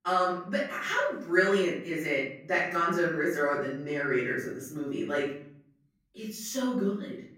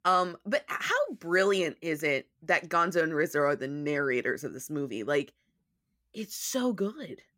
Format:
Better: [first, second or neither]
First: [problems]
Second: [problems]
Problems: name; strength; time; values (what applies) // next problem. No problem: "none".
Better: second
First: off-mic speech; far // room echo; noticeable; dies away in 0.6 s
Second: none